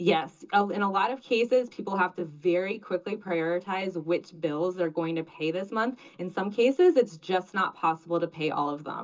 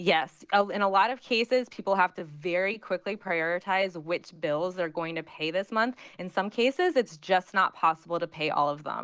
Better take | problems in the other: second | room echo; dies away in 0.2 s

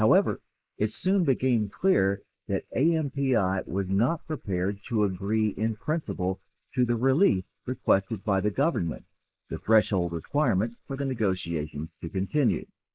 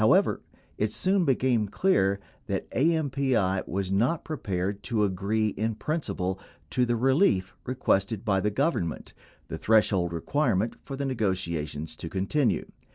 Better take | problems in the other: second | noise reduction (neural mask model Resemble Enhance denoiser)

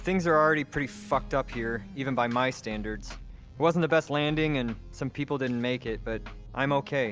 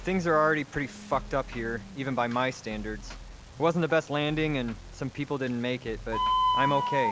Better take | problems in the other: first | background sound (Bird); 5 dB below the speech

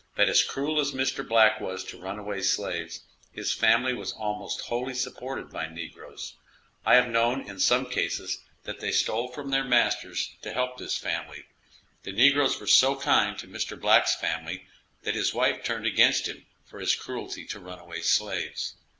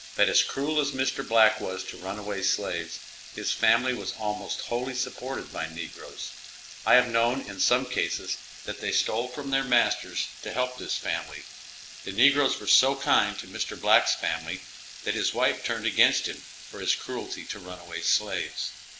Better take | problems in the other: first | background sound (Water tap, faucet / Liquid); 16 dB below the speech

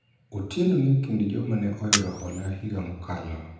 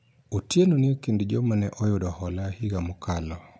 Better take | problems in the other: second | background sound (Camera); 5 dB below the speech // room echo; dies away in 0.8 s

